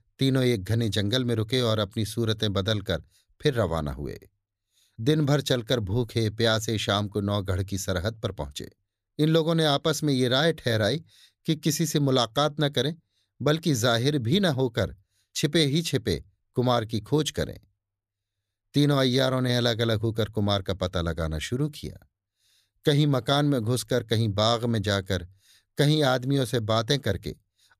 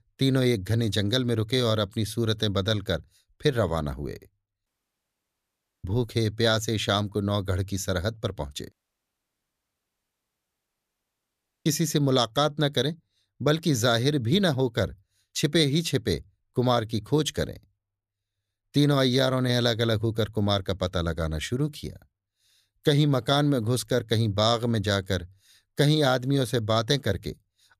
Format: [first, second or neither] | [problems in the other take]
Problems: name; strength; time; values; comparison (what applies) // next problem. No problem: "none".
first | audio cutting out; at 4.5 s for 1 s and at 8.5 s for 3 s